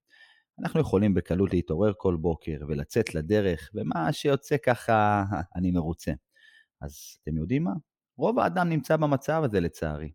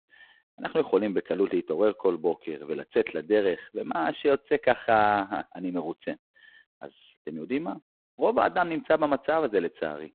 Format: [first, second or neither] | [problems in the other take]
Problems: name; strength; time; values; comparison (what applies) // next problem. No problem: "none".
first | phone-call audio; poor line; nothing above 4 kHz